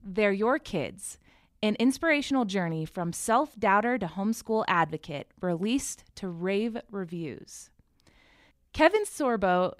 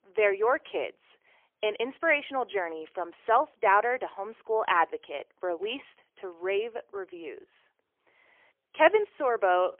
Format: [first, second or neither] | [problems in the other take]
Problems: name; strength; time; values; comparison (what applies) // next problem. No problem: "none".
first | phone-call audio; poor line; nothing above 3 kHz